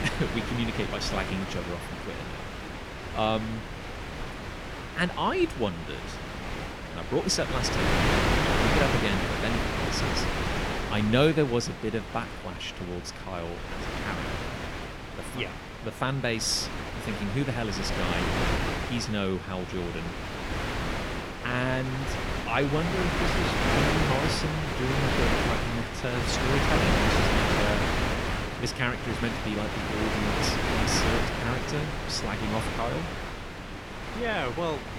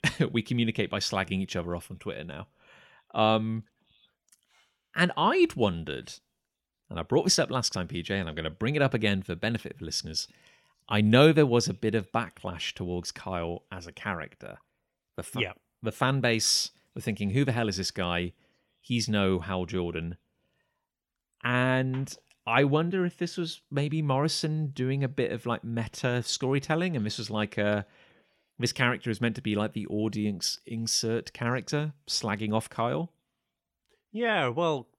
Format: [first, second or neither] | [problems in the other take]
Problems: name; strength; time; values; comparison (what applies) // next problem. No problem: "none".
second | wind noise on the microphone; heavy; 2 dB above the speech